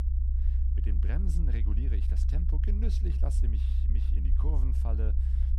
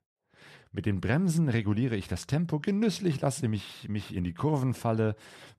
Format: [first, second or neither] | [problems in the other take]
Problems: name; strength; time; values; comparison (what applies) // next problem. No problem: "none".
second | low rumble; loud; throughout; 2 dB below the speech